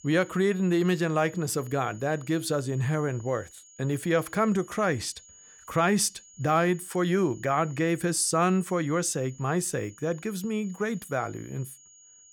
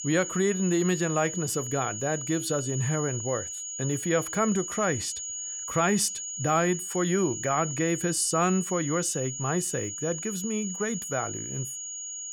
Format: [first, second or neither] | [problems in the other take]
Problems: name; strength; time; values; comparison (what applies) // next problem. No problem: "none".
first | high-pitched whine; loud; throughout; 7 kHz, 5 dB below the speech; faint in the first